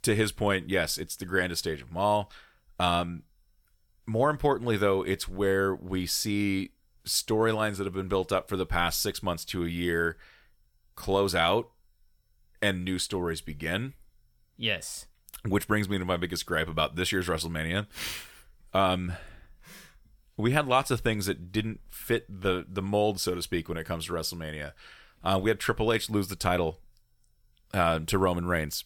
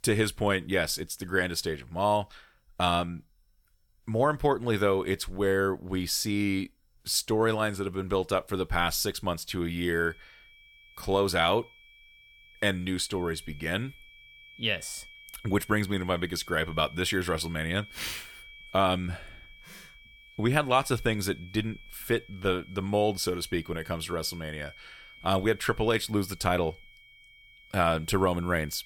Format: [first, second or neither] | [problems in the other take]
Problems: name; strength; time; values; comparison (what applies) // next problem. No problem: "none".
first | high-pitched whine; faint; from 9.5 s on; 2.5 kHz, 20 dB below the speech